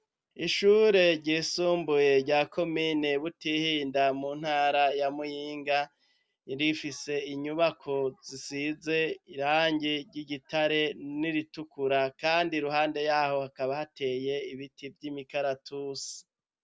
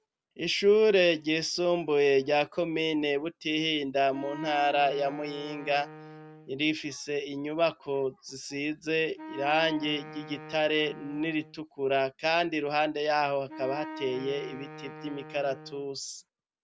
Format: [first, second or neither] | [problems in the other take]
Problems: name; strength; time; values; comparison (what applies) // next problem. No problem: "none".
first | background sound (Wind instrument, woodwind instrument); 14 dB below the speech